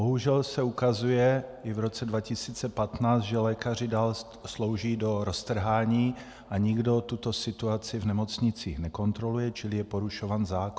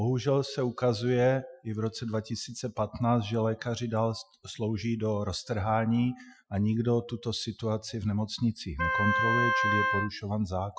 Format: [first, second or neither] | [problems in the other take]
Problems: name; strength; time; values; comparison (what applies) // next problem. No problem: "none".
first | noise reduction (classical method Wiener filter)